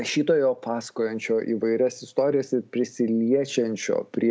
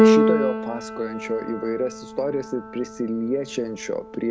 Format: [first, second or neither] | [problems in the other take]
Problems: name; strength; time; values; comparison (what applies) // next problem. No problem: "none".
first | background sound (Keyboard (musical)); 3 dB above the speech